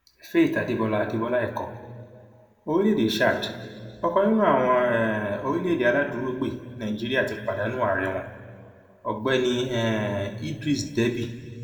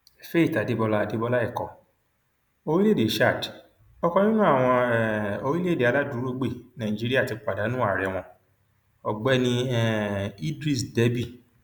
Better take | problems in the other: second | room echo; dies away in 1.8 s

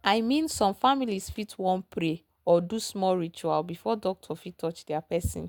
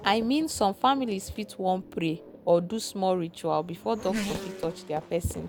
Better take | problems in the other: first | background sound (Race car, auto racing / Accelerating, revving, vroom); 13 dB below the speech

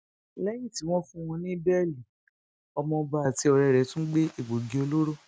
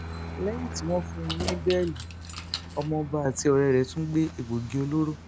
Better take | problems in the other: first | background sound (Aircraft + Keys jangling); 9 dB below the speech

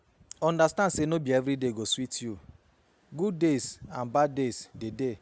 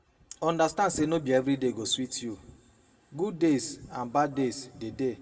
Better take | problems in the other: first | room echo; dies away in 0.6 s

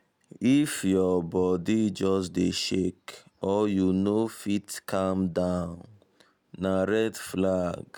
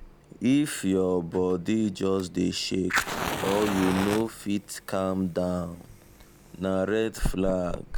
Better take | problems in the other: first | background sound (Fire); 8 dB below the speech

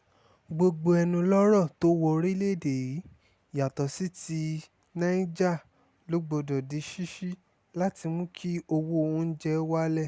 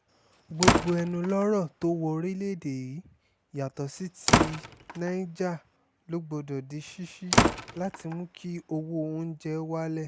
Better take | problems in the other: first | background sound (Slam); 3 dB above the speech

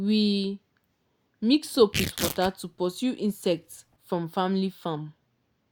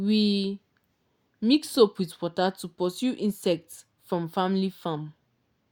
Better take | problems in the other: second | background sound (Tearing); 8 dB below the speech

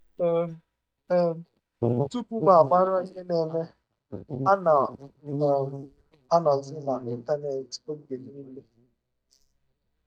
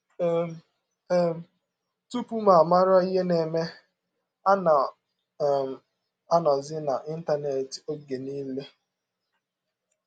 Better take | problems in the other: second | noise reduction (neural mask model DeepFilterNet 3)

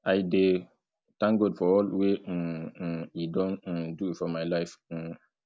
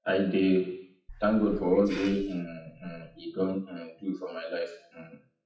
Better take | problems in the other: first | noise reduction (classical method WPE with log-MMSE)

